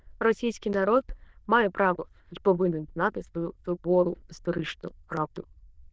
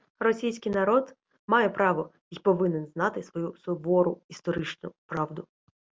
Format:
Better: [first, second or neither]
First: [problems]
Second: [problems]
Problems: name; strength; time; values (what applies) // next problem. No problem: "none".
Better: second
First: noise reduction (neural diffusion model UNIVERSE++)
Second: none